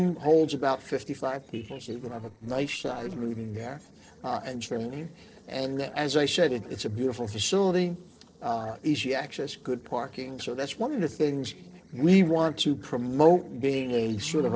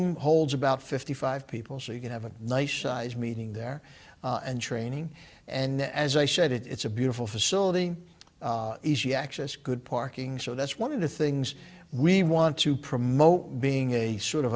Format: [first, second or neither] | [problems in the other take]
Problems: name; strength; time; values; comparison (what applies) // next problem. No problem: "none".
second | noise reduction (neural separator model SepFormer DNS4)